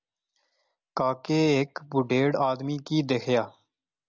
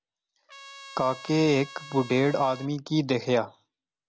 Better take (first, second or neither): first